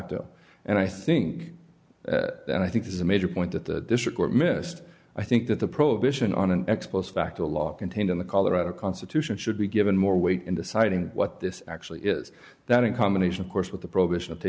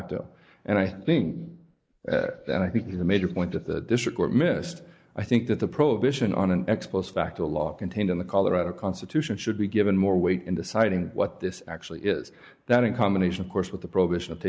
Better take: first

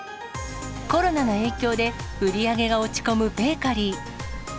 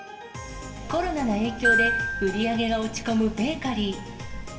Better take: first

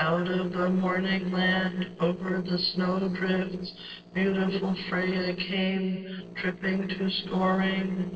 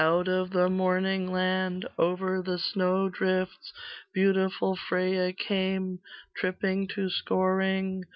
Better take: second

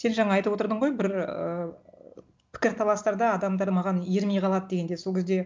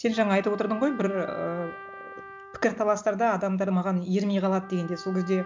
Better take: first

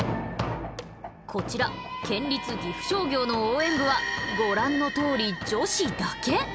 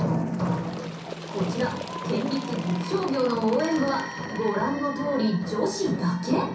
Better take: first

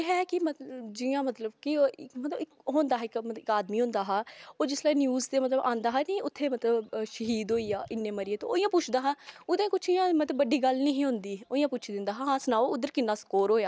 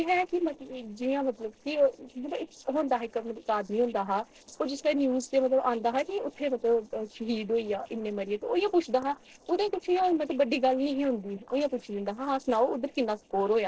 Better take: first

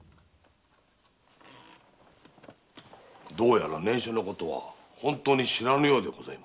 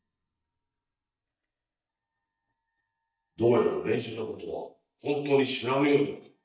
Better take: first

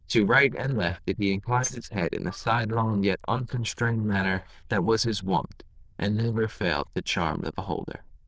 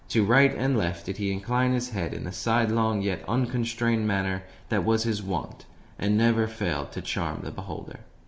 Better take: second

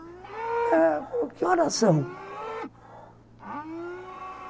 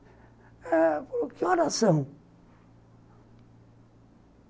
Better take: second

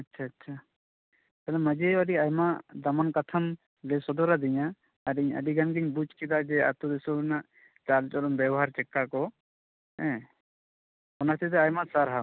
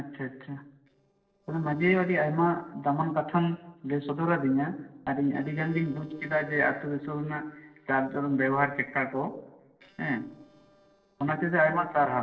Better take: first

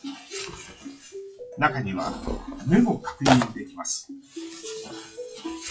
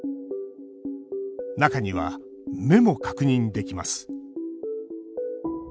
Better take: second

